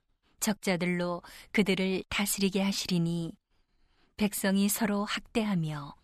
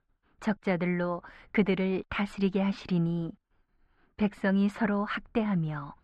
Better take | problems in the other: first | muffled; very; fading above 2 kHz

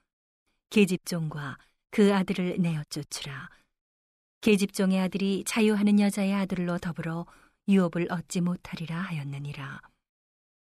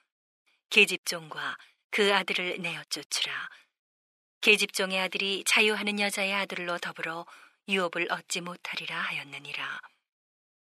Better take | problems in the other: first | thin; very; fading below 500 Hz

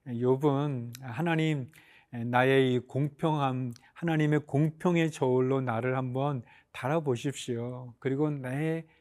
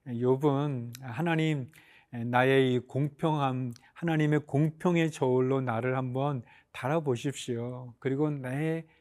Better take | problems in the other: neither | none

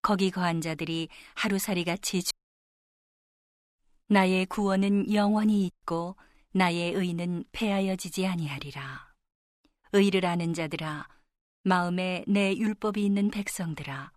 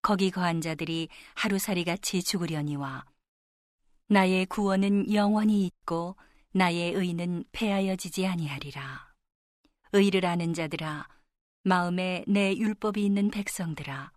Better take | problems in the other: second | audio cutting out; at 2.5 s for 1 s

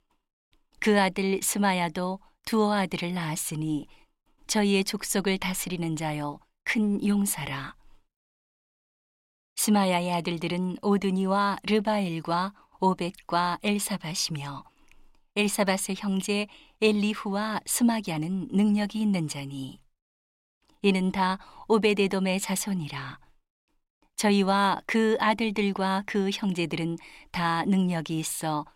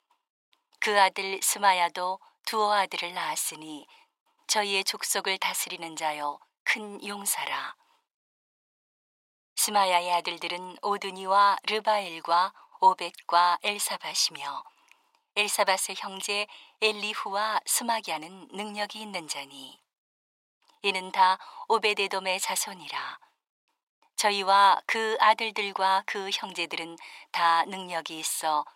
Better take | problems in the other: first | thin; very; fading below 700 Hz

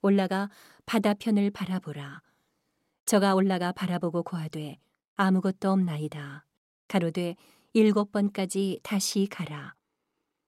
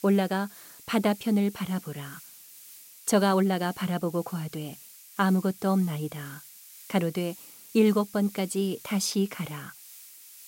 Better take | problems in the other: first | hiss; noticeable; throughout; 20 dB below the speech

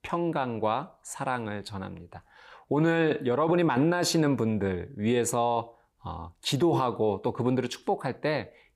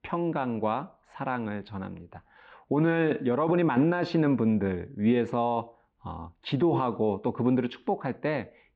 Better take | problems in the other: first | muffled; slightly; fading above 3 kHz

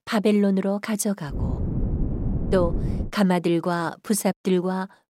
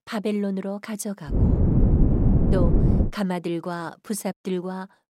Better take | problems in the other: first | wind noise on the microphone; heavy; from 1.5 to 3 s; 1 dB above the speech; occasional gusts in the first

